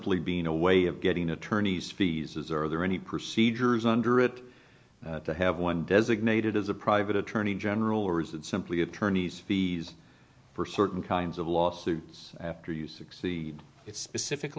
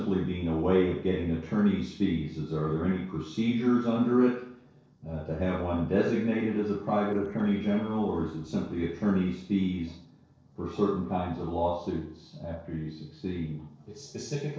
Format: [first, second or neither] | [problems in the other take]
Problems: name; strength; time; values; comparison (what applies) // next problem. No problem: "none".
first | noise reduction (neural separator model SepFormer DNS4)